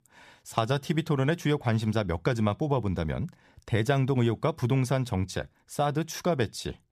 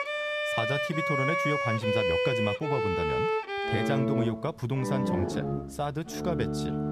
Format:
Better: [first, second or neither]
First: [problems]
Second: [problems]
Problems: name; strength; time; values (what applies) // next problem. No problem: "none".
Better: first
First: none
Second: background music; very loud; throughout; 3 dB above the speech